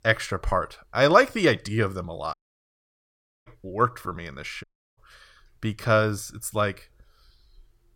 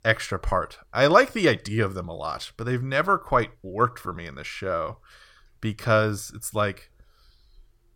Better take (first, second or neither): second